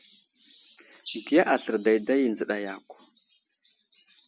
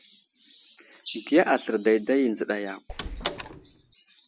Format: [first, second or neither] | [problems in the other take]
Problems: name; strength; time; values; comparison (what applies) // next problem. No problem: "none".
first | background sound (Door); 9 dB below the speech